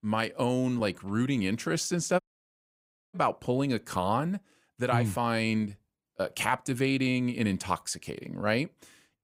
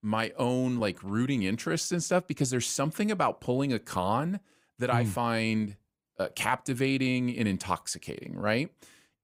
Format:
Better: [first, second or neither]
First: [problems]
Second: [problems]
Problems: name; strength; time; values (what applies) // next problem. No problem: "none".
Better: second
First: audio cutting out; at 2 s for 1 s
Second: none